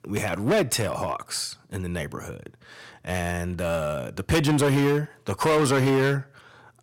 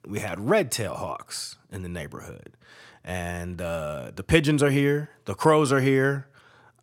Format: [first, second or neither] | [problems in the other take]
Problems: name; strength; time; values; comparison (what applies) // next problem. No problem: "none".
second | distortion; heavy; 10% of the sound clipped